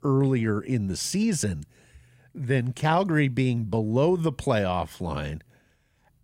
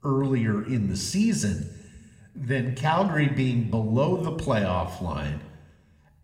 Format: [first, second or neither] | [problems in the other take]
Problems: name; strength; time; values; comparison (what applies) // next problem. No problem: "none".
first | room echo; slight; dies away in 1 s